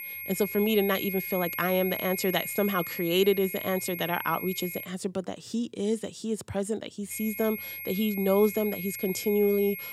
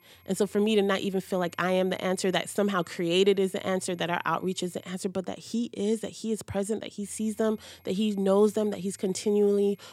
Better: second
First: high-pitched whine; loud; until 5 s and from 7 s on; 2 kHz, 6 dB below the speech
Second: high-pitched whine; faint; until 5 s and from 7 s on; 2 kHz, 35 dB below the speech

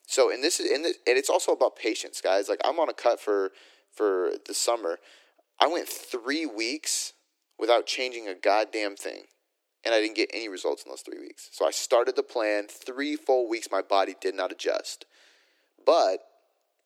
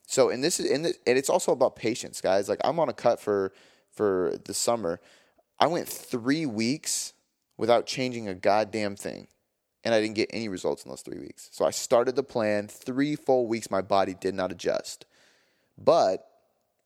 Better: second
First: thin; somewhat; fading below 300 Hz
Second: none

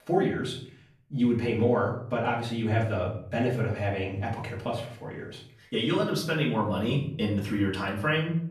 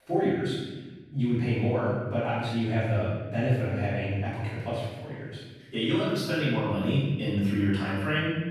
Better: first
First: room echo; slight; dies away in 0.5 s // off-mic speech; far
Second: room echo; strong; dies away in 1.2 s // off-mic speech; far

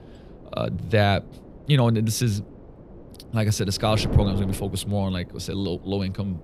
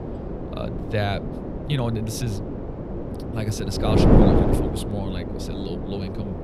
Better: first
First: wind noise on the microphone; occasional gusts; 15 dB below the speech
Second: wind noise on the microphone; heavy; 3 dB above the speech

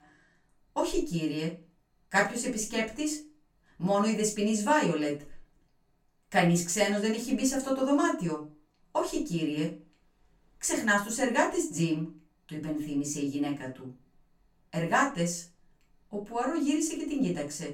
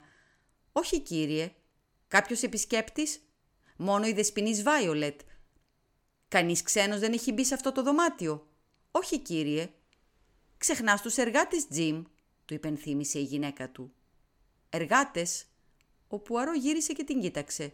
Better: second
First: off-mic speech; far // room echo; slight; dies away in 0.2 s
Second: none

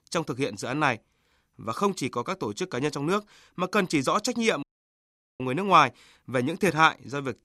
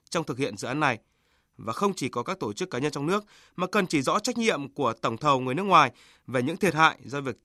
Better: second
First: audio cutting out; at 4.5 s for 1 s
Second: none

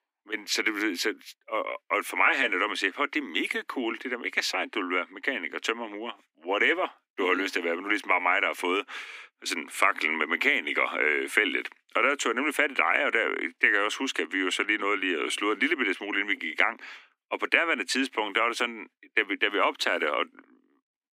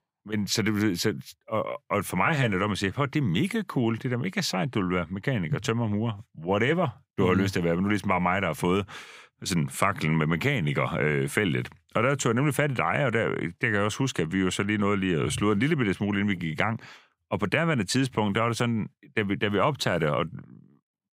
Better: second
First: thin; somewhat; fading below 250 Hz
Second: none

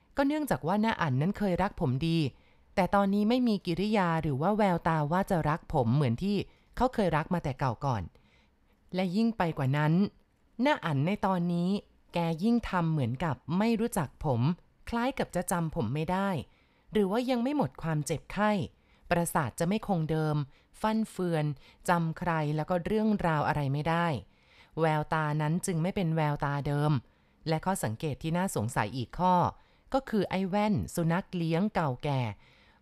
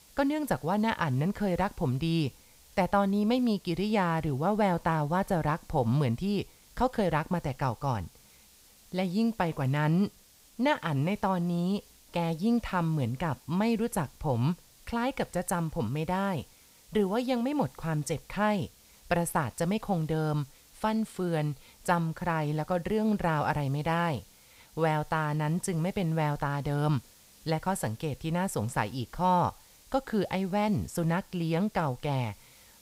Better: first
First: none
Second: hiss; faint; throughout; 25 dB below the speech

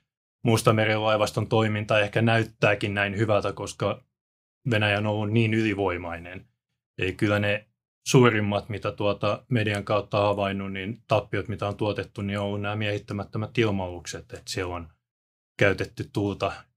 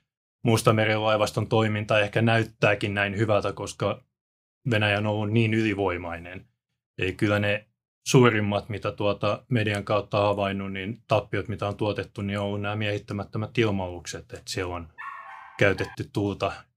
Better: first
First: none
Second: dog barking; faint; at 15 s; peak 15 dB below the speech

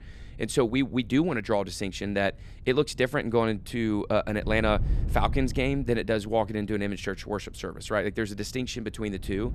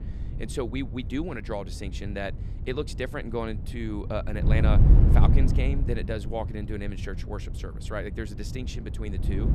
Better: first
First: wind noise on the microphone; occasional gusts; 25 dB below the speech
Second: wind noise on the microphone; heavy; 7 dB below the speech

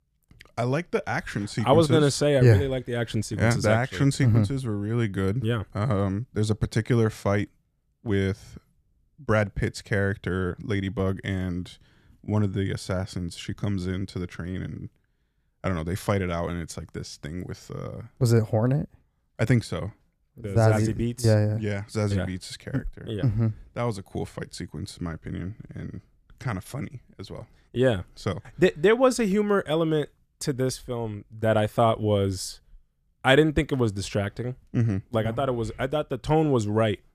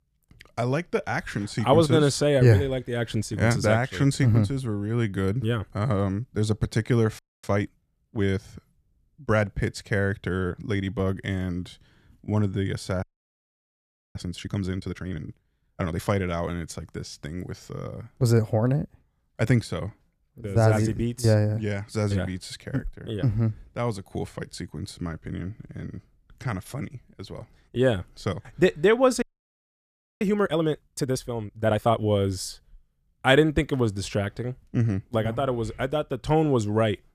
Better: first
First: none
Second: audio freezing; at 7 s, at 13 s for 1 s and at 29 s for 1 s

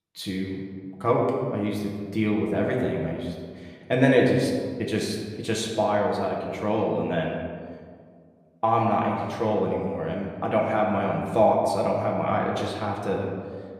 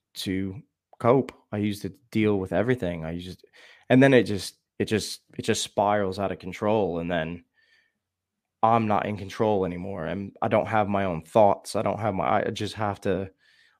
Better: second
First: room echo; noticeable; dies away in 1.5 s // off-mic speech; somewhat distant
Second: none

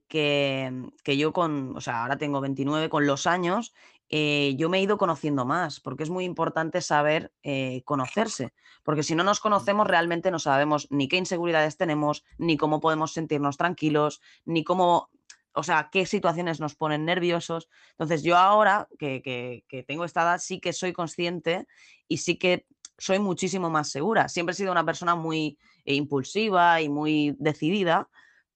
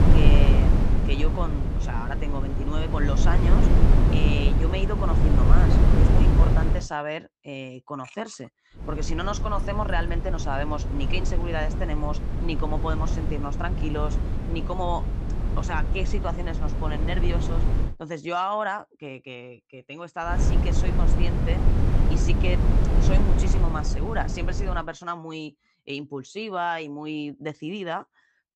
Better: first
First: none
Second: wind noise on the microphone; heavy; until 7 s, from 9 to 18 s and from 20 to 25 s; 3 dB below the speech

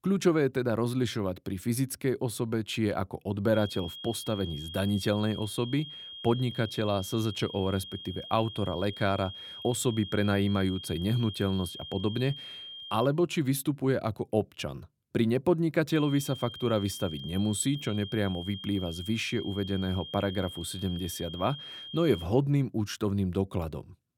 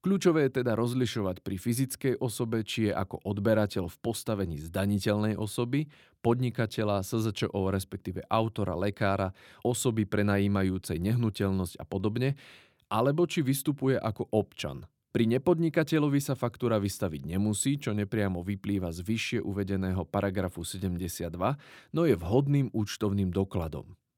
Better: second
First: high-pitched whine; noticeable; from 3.5 to 13 s and from 16 to 22 s; 3 kHz, 10 dB below the speech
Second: none

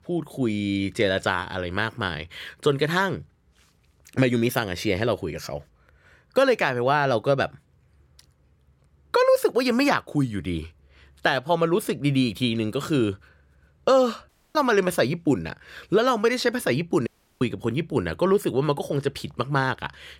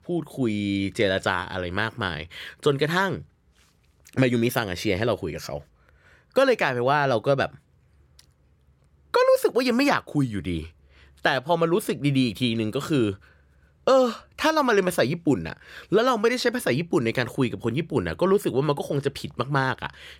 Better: second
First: audio cutting out; at 14 s and at 17 s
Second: none

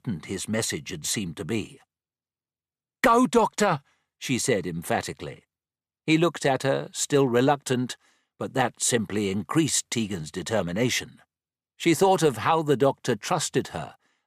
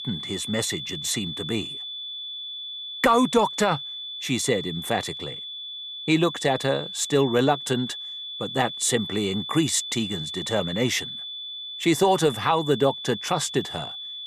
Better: first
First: none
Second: high-pitched whine; loud; throughout; 3.5 kHz, 8 dB below the speech

